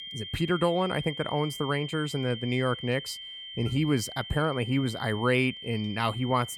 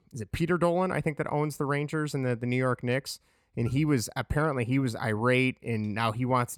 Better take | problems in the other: second | high-pitched whine; loud; throughout; 3 kHz, 10 dB below the speech

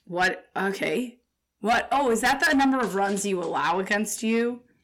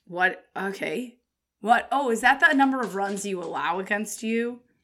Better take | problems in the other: second | distortion; heavy; 7 dB below the speech

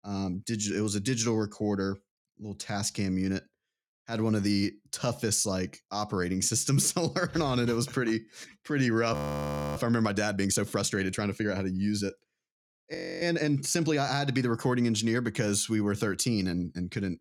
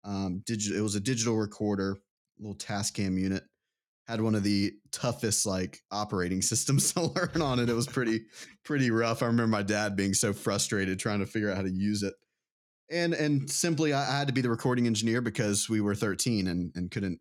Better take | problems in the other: second | audio freezing; at 9 s for 0.5 s and at 13 s

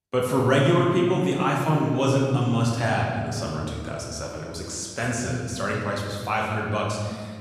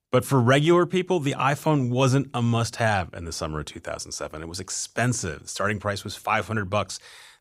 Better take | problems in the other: second | room echo; noticeable; dies away in 2.1 s // off-mic speech; far

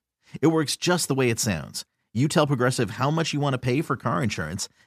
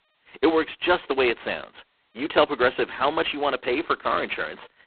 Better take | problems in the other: first | phone-call audio; poor line; nothing above 4 kHz

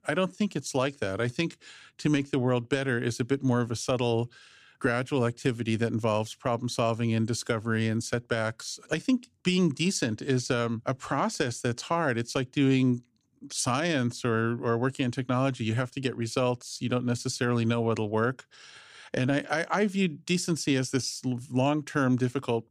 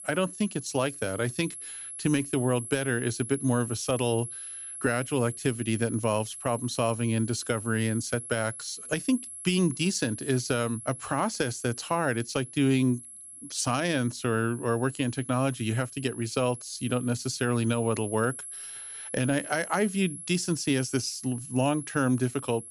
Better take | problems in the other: first | high-pitched whine; noticeable; throughout; 11 kHz, 10 dB below the speech

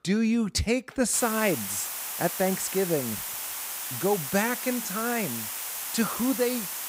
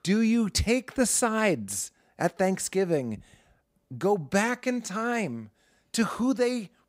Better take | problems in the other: second | hiss; loud; from 1 s on; 4 dB below the speech

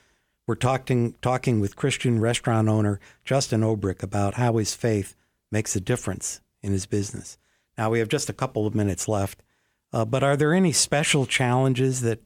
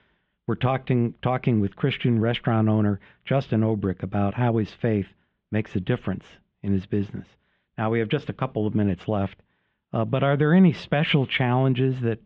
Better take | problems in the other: first | muffled; very; fading above 3.5 kHz

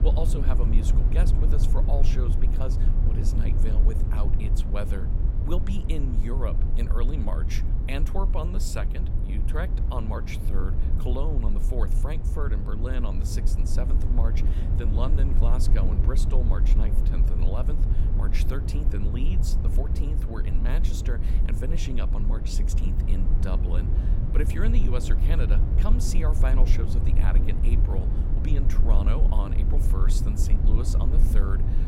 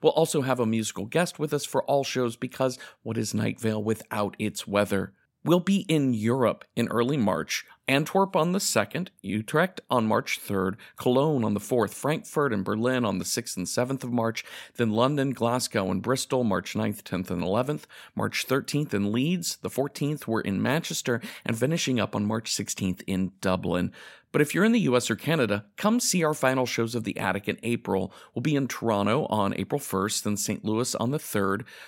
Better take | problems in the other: second | low rumble; loud; throughout; 3 dB below the speech

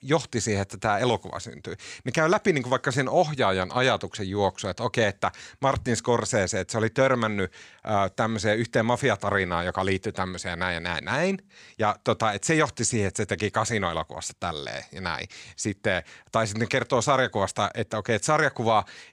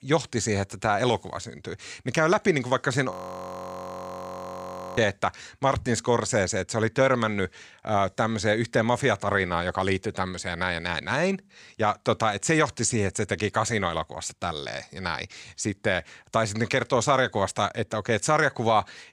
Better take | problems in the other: first | audio freezing; at 3 s for 2 s

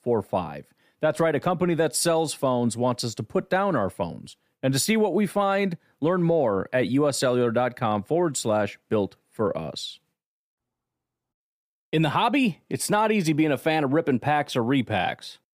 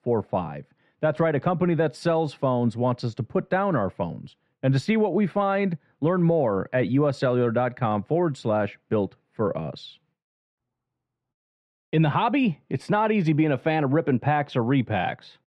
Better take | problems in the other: first | muffled; slightly; fading above 2.5 kHz

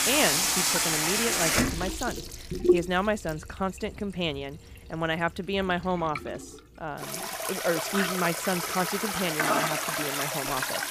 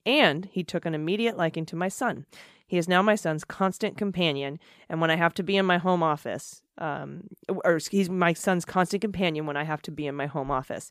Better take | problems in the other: second | household noises; very loud; throughout; 4 dB above the speech

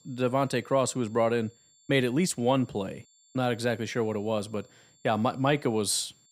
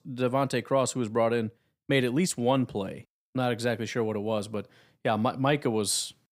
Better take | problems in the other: second | high-pitched whine; faint; throughout; 7.5 kHz, 30 dB below the speech

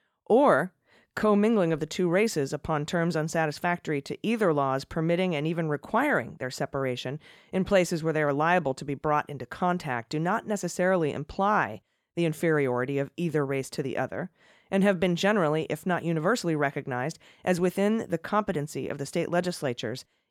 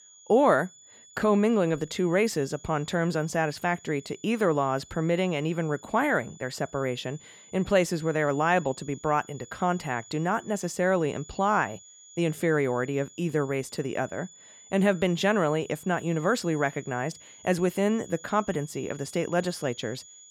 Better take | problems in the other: first | high-pitched whine; faint; throughout; 7 kHz, 20 dB below the speech

